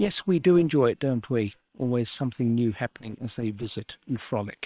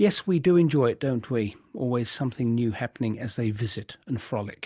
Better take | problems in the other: second | noise reduction (neural separator model SepFormer WHAM!)

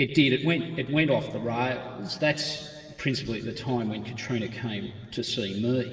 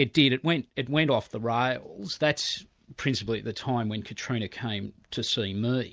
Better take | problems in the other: second | room echo; dies away in 2.5 s

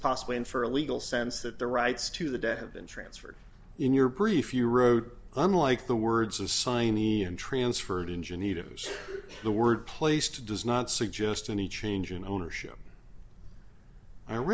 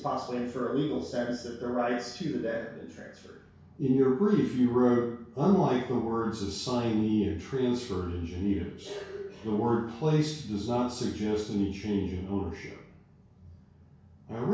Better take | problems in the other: first | room echo; dies away in 0.6 s

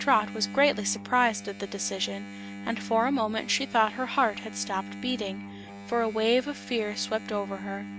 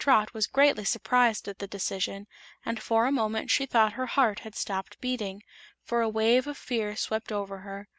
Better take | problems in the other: second | background sound (Engine); 12 dB below the speech

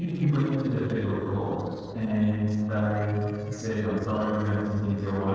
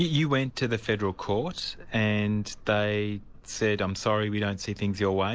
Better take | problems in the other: second | noise reduction (neural separator model SepFormer DNS4)

